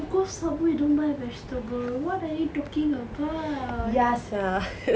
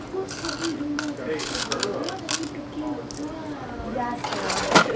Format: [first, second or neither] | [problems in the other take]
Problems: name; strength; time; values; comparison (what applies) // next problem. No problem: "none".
first | background sound (Mechanisms); 4 dB above the speech